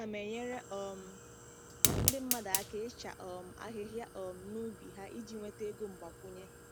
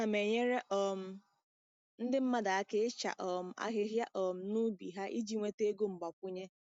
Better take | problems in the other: second | background sound (Fire); 3 dB above the speech

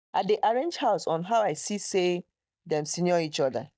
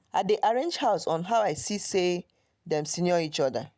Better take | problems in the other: second | noise reduction (neural mask model DeepFilterNet 3)

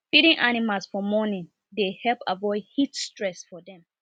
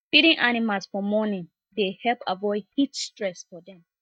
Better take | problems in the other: first | noise reduction (neural mask model DeepFilterNet 3)

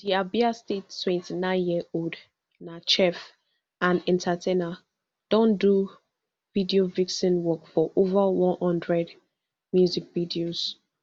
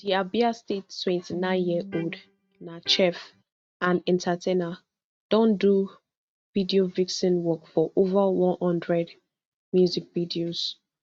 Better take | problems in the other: first | noise reduction (neural mask model RNNoise)

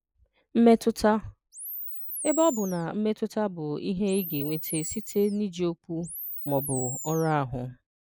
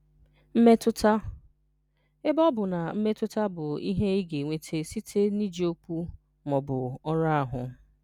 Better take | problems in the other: second | noise reduction (neural mask model Resemble Enhance denoiser)

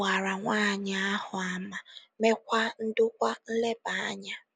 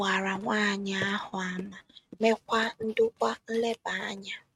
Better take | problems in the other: first | noise reduction (neural mask model RNNoise)

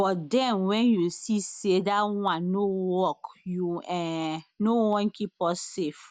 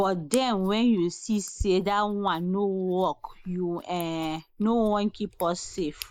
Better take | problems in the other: first | noise reduction (neural mask model Resemble Enhance denoiser)

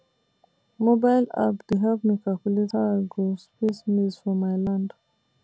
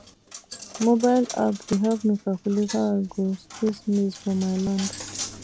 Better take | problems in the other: first | background sound (Coin (dropping)); 15 dB below the speech

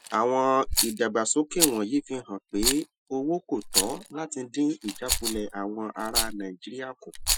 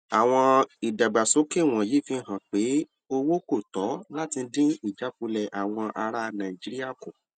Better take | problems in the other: second | noise reduction (classical method Wiener filter)

